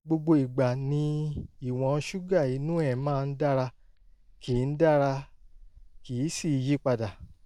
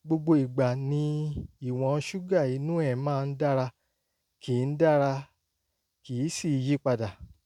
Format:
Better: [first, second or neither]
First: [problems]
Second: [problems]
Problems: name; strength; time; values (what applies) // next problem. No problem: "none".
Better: second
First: noise reduction (neural mask model DeepFilterNet 3)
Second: none